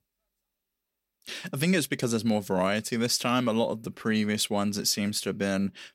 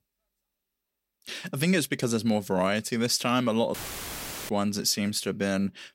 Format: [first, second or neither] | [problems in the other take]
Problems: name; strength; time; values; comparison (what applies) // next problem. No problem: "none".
first | audio cutting out; filled with static; at 3.5 s for 1 s